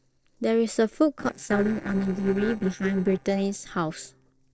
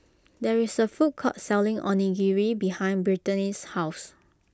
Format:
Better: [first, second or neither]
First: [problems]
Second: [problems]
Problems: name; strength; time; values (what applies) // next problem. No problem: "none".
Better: second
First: noise reduction (neural separator model SepFormer DNS4)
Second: none